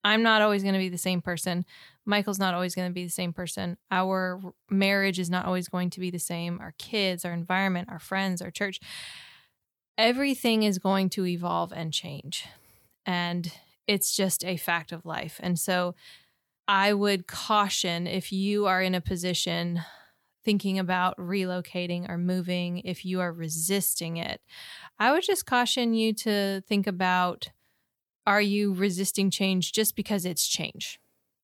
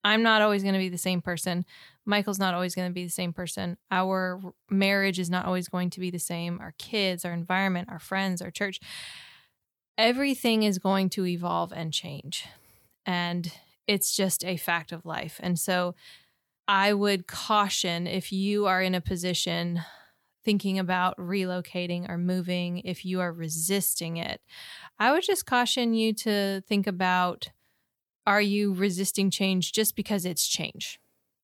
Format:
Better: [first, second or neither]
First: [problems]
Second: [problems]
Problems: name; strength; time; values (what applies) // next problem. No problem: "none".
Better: neither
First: none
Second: none